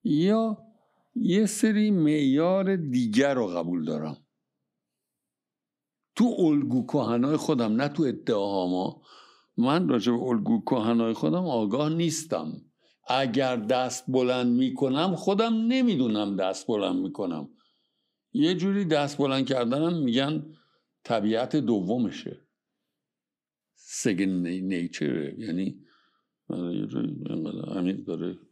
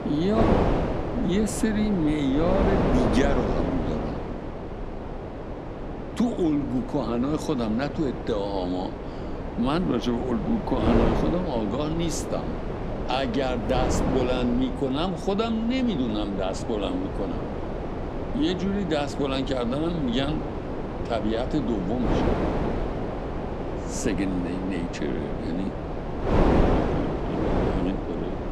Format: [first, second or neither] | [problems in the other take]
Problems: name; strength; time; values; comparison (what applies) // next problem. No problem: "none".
first | wind noise on the microphone; heavy; 2 dB below the speech